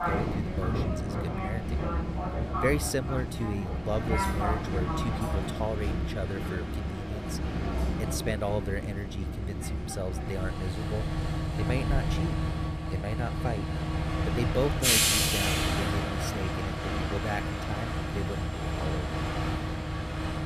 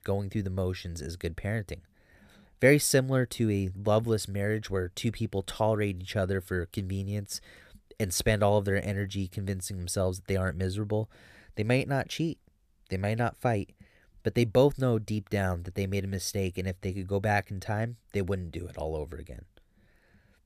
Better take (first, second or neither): second